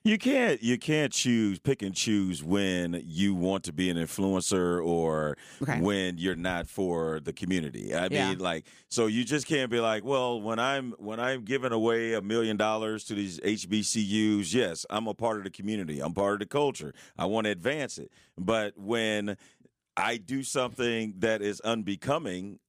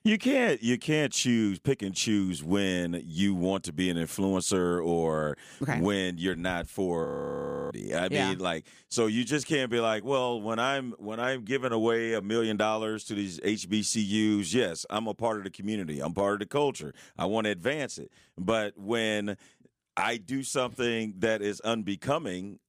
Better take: first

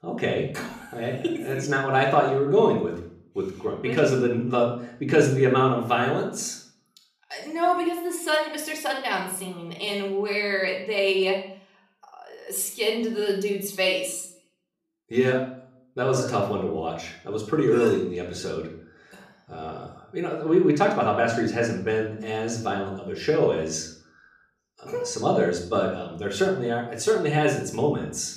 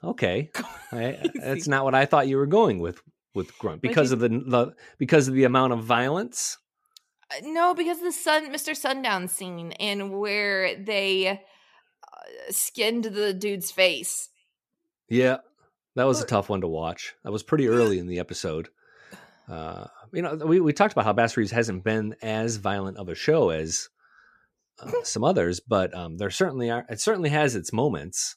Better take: second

